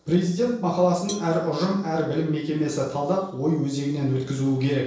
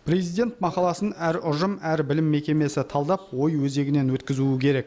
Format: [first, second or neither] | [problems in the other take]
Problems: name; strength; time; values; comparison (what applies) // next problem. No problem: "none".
second | noise reduction (neural separator model SepFormer DNS4)